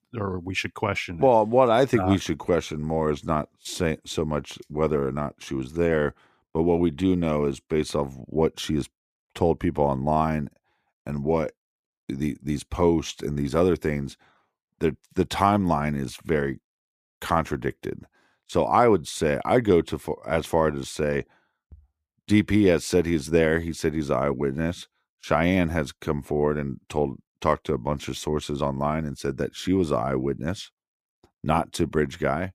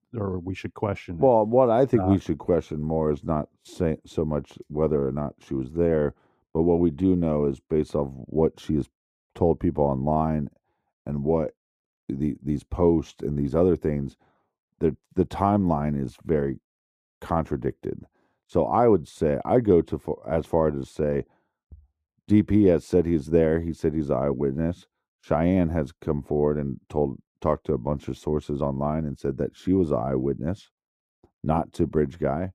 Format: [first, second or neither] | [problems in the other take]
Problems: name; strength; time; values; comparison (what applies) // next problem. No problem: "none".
first | muffled; slightly; fading above 1 kHz